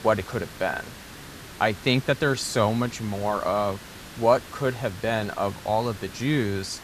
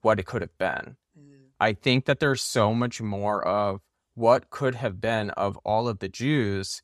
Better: second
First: hiss; noticeable; throughout; 15 dB below the speech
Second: none

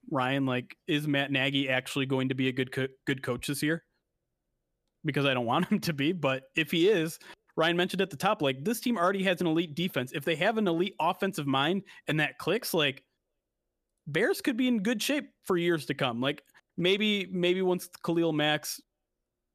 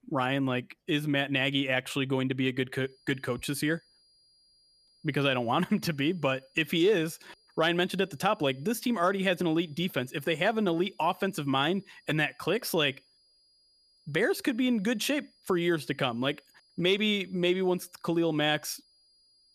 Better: first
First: none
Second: high-pitched whine; faint; from 3 s on; 5 kHz, 35 dB below the speech

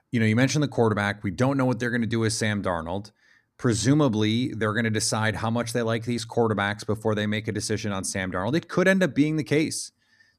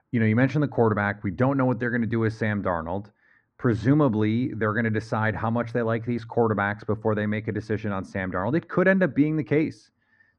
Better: first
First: none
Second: muffled; very; fading above 1.5 kHz

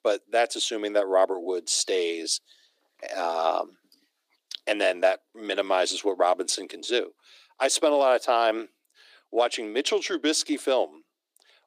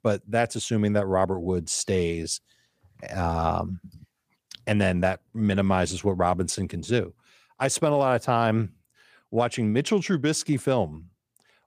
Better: second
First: thin; very; fading below 300 Hz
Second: none

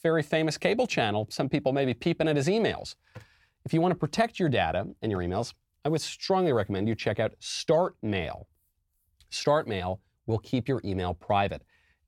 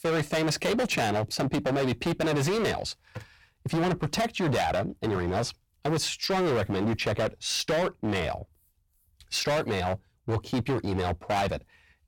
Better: first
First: none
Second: distortion; heavy; 22% of the sound clipped

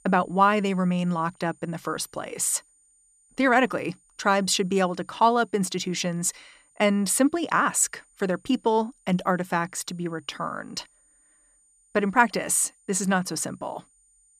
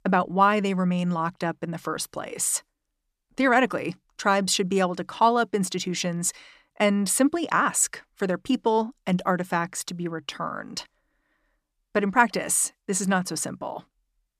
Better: second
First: high-pitched whine; faint; throughout; 9 kHz, 35 dB below the speech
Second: none

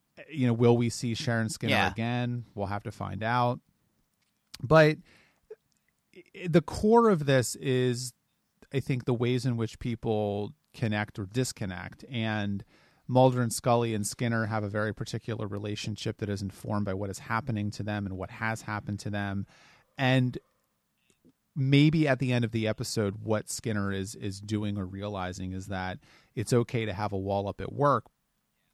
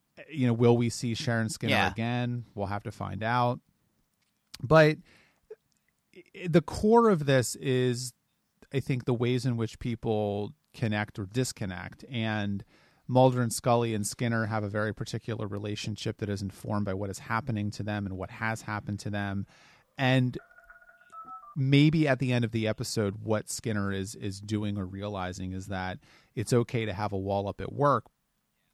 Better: first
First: none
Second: phone ringing; faint; from 20 to 22 s; peak 15 dB below the speech

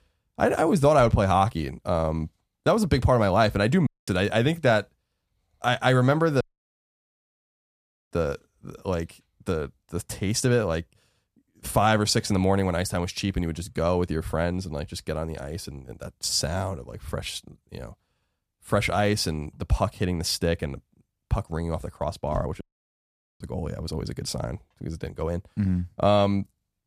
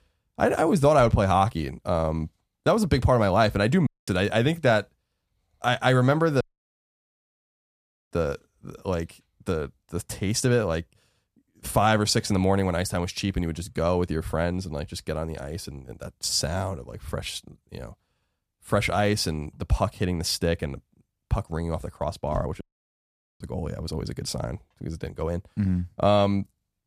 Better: neither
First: audio cutting out; at 4 s, at 6.5 s for 1.5 s and at 23 s for 1 s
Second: audio cutting out; at 4 s, at 6.5 s for 1.5 s and at 23 s for 1 s

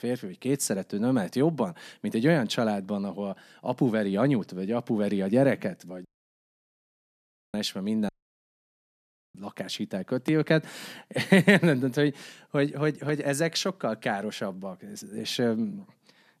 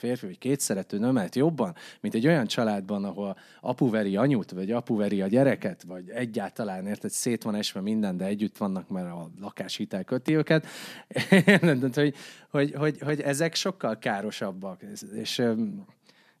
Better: second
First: audio cutting out; at 6 s for 1.5 s and at 8 s for 1.5 s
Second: none

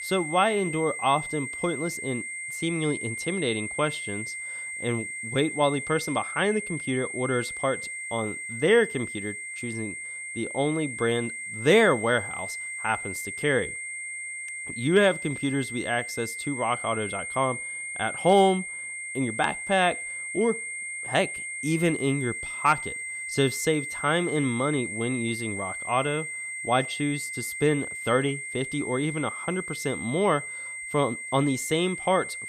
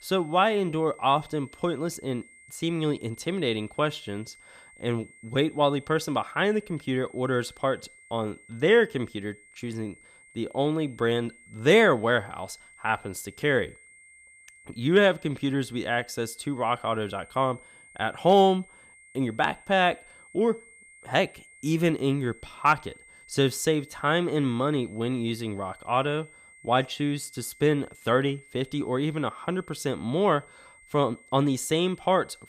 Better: second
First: high-pitched whine; loud; throughout; 2 kHz, 6 dB below the speech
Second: high-pitched whine; faint; throughout; 2 kHz, 25 dB below the speech

